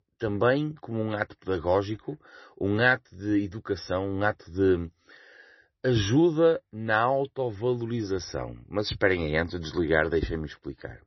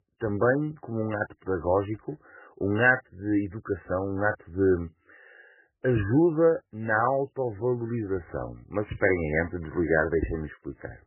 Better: first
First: garbled, watery; slightly; nothing above 6 kHz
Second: garbled, watery; badly; nothing above 3 kHz

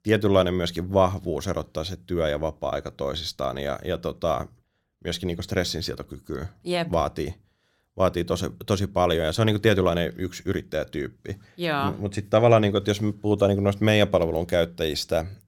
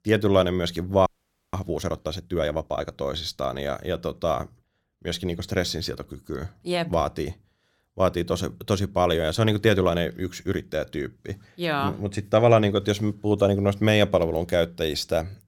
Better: first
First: none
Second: audio freezing; at 1 s

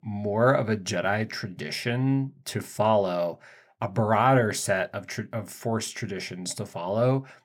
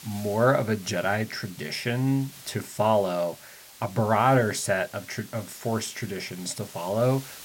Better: first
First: none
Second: hiss; noticeable; throughout; 20 dB below the speech

